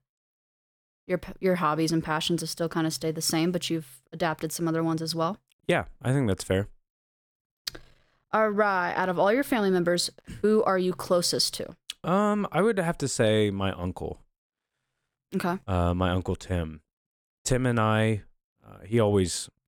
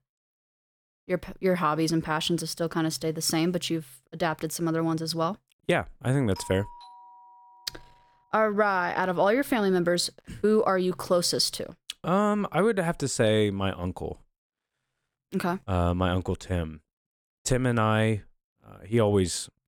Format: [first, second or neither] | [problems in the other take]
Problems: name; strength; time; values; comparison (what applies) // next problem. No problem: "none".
first | doorbell; faint; from 6.5 to 8 s; peak 15 dB below the speech